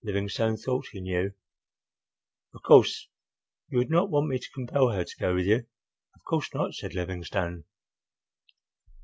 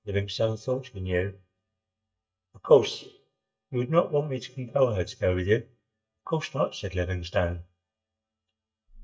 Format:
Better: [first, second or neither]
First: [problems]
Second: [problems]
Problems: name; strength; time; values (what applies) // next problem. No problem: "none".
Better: first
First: none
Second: noise reduction (neural mask model DeepFilterNet 3)